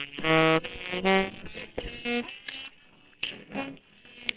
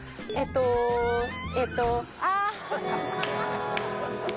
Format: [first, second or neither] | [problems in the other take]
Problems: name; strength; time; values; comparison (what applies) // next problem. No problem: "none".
second | noise reduction (neural separator model SepFormer WHAM!)